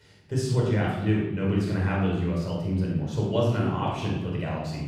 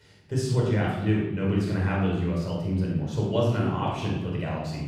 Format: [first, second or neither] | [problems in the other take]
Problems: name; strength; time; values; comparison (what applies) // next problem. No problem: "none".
neither | room echo; strong; dies away in 0.9 s; the same in both // off-mic speech; far; the same in both